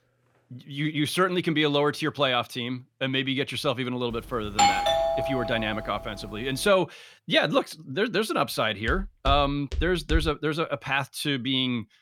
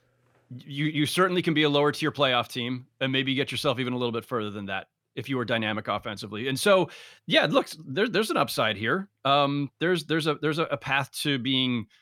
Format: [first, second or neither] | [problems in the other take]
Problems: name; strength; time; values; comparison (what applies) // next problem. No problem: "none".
second | doorbell; loud; from 4.5 to 5.5 s; peak 6 dB above the speech // footsteps; noticeable; from 9 to 10 s; peak 5 dB below the speech